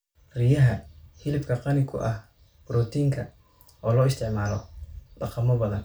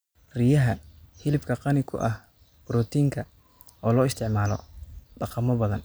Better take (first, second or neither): second